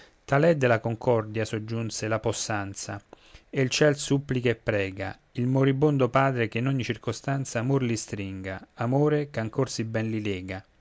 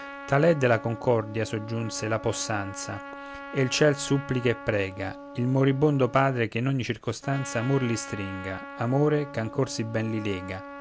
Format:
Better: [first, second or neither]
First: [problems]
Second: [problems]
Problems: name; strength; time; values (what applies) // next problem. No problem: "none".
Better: first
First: none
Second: background sound (Trumpet); 14 dB below the speech